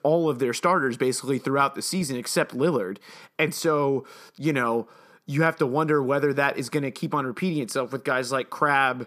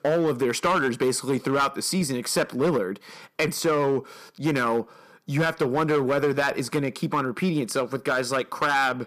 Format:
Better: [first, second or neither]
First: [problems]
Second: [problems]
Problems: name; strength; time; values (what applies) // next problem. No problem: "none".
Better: first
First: none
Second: distortion; slight; 7% of the sound clipped